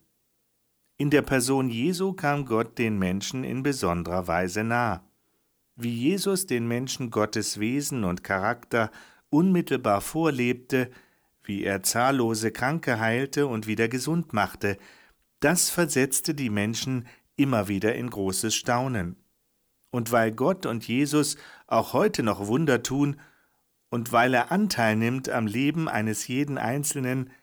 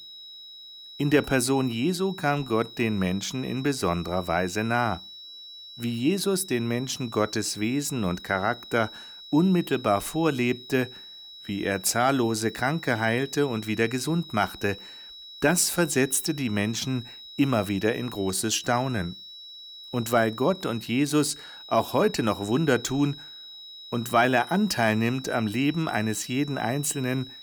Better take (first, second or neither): first